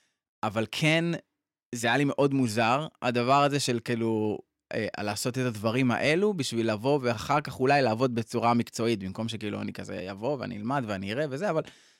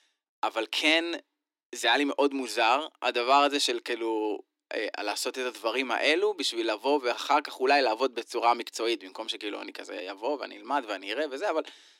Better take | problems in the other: first | thin; somewhat; fading below 300 Hz

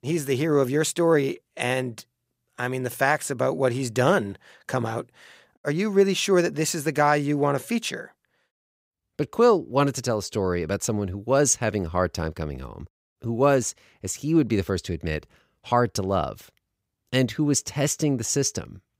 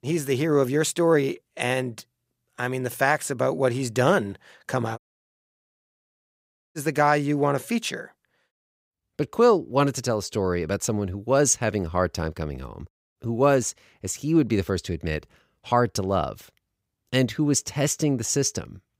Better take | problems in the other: first | audio cutting out; at 5 s for 2 s

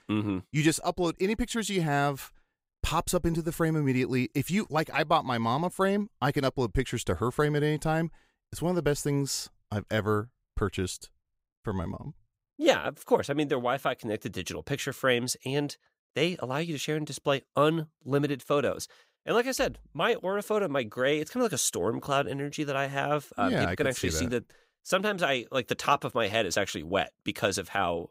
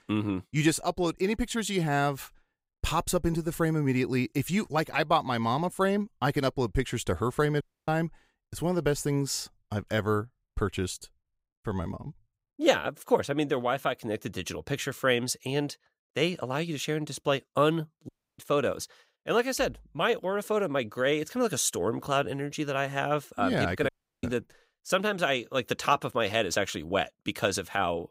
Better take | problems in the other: first | audio cutting out; at 7.5 s, at 18 s and at 24 s

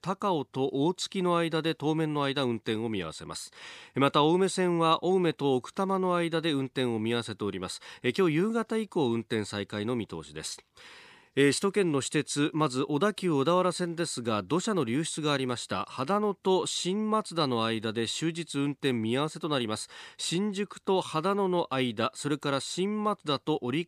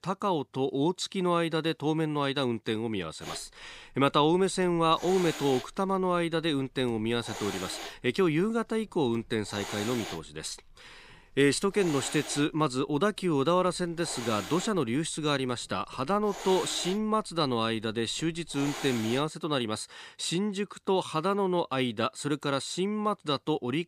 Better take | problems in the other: first | hiss; noticeable; from 3 to 19 s; 10 dB below the speech

